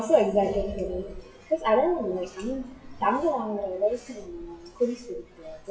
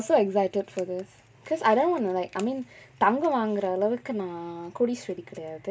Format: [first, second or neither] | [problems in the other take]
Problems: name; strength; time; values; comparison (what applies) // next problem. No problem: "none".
second | noise reduction (classical method WPE with log-MMSE)